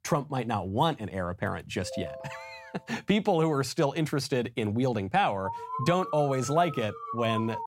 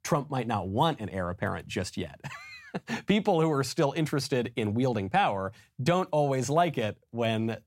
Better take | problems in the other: second | phone ringing; faint; from 2 to 3 s; peak 10 dB below the speech // alarm; noticeable; from 5.5 s on; peak 6 dB below the speech

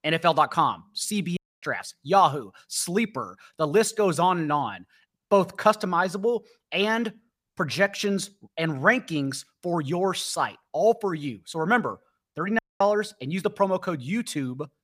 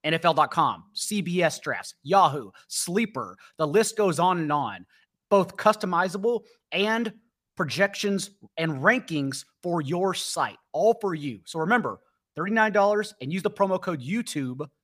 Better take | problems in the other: second | audio cutting out; at 1.5 s and at 13 s

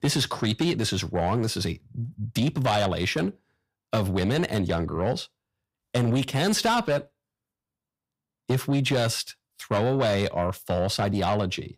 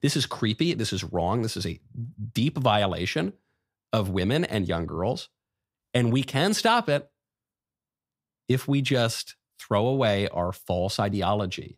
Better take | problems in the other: second | distortion; slight; 10 dB below the speech

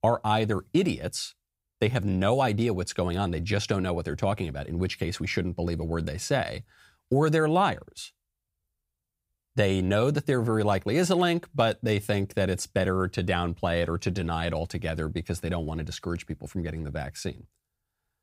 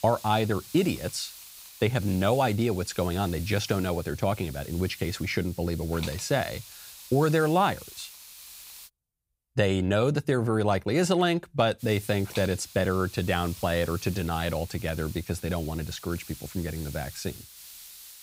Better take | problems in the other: first | hiss; noticeable; until 9 s and from 12 s on; 15 dB below the speech

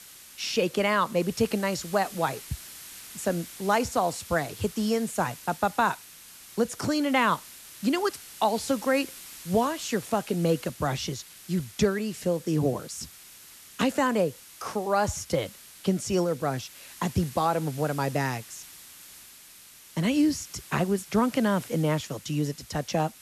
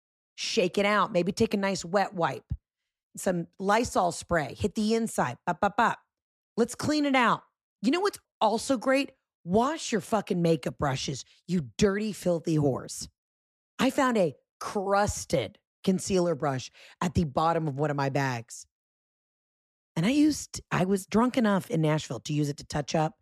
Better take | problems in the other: second | hiss; noticeable; throughout; 15 dB below the speech

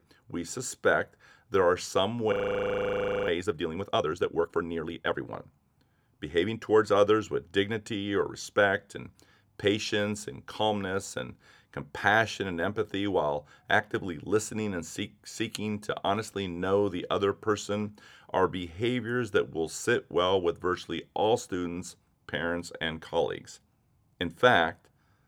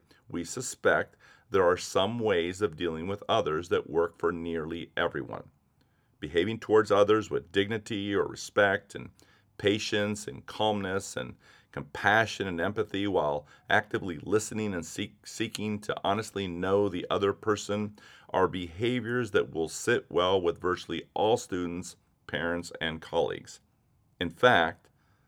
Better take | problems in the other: second | audio freezing; at 2.5 s for 1 s

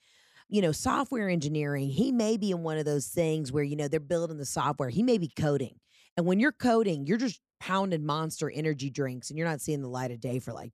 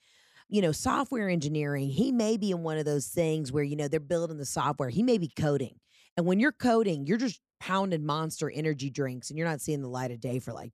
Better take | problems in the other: neither | none

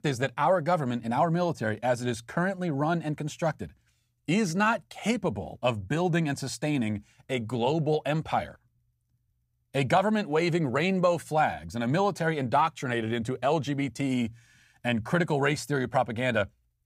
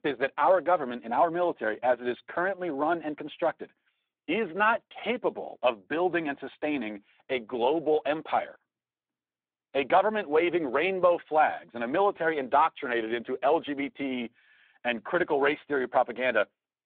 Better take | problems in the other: first | phone-call audio

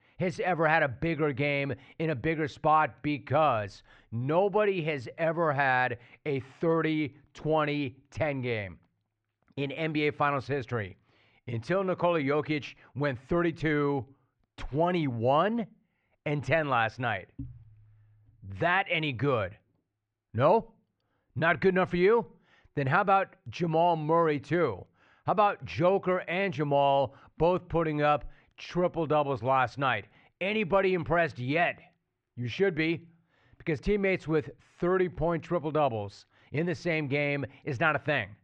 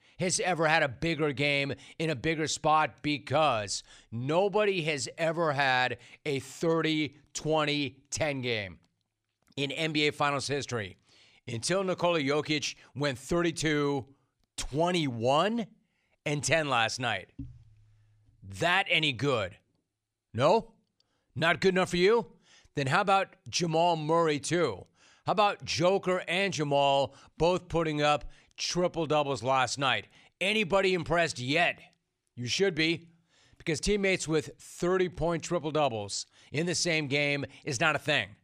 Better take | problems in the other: second | muffled; very; fading above 1.5 kHz

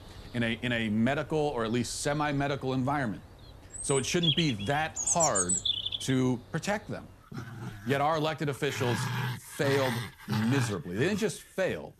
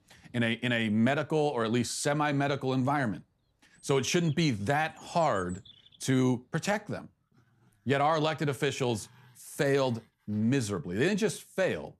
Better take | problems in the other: second | animal sounds; loud; throughout; 2 dB below the speech; faint in the second

